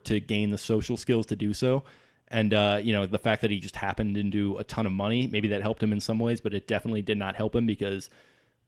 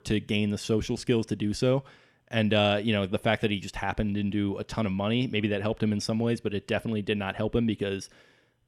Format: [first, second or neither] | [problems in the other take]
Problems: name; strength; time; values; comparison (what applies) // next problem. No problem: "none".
second | garbled, watery; slightly; nothing above 17 kHz